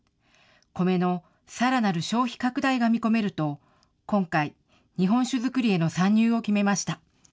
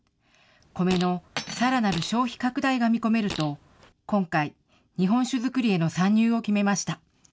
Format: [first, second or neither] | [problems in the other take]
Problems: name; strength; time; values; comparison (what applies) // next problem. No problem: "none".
first | background sound (Fart + Cutlery, silverware); 14 dB below the speech